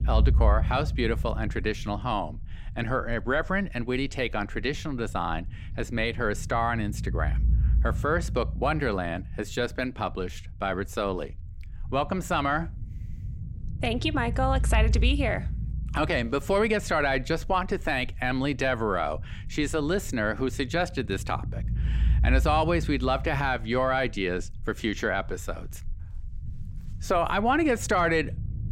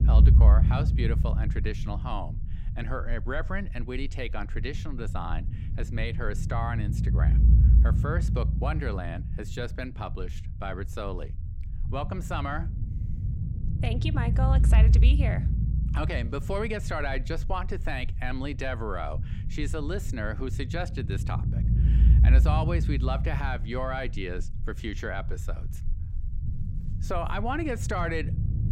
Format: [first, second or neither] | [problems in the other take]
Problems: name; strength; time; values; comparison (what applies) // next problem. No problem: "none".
first | low rumble; loud; throughout; 9 dB below the speech; faint in the first